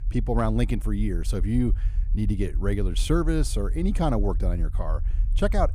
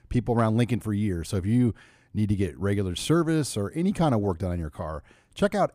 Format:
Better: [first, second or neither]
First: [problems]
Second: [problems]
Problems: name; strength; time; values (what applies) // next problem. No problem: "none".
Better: second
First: low rumble; faint; throughout; 20 dB below the speech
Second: none